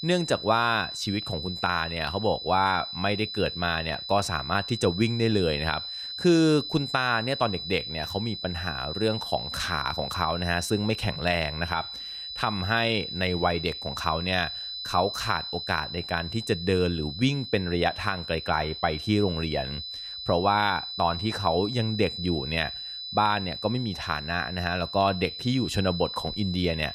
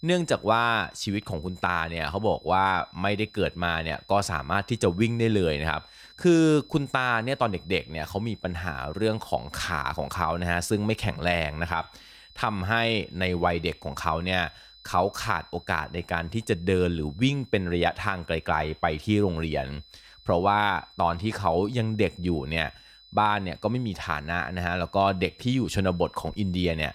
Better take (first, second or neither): second